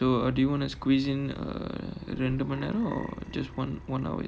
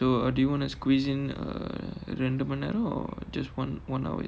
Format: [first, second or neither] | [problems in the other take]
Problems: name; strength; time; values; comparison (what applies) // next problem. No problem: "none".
second | background sound (Burping, eructation); 17 dB below the speech